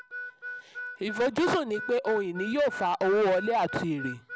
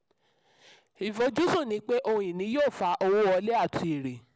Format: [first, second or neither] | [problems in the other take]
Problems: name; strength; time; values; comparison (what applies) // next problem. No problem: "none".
second | background sound (Harmonica); 11 dB below the speech